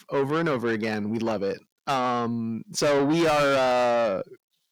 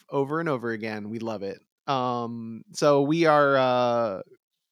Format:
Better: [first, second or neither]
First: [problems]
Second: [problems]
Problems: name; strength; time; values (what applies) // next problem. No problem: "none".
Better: second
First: distortion; heavy; 6 dB below the speech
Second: none